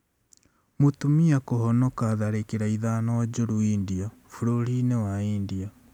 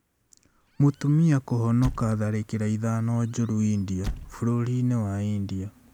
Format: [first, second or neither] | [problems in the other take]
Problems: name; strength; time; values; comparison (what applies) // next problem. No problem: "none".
first | background sound (Squeak / Slam); 15 dB below the speech